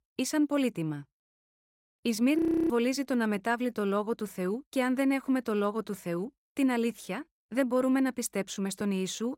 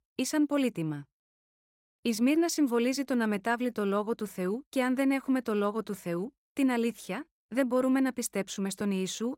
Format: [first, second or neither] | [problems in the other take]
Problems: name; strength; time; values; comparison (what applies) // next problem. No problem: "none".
second | audio freezing; at 2.5 s